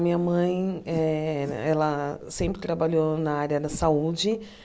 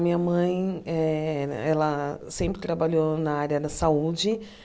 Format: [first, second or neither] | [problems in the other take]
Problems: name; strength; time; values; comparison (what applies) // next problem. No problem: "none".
second | background sound (Whoosh, swoosh, swish); 15 dB below the speech